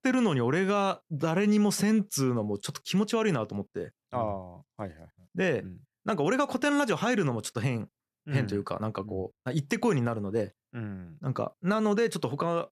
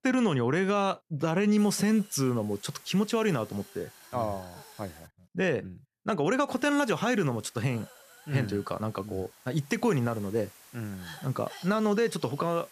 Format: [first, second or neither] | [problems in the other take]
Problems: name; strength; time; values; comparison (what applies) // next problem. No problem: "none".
first | hiss; faint; from 1.5 to 5 s and from 6.5 s on; 20 dB below the speech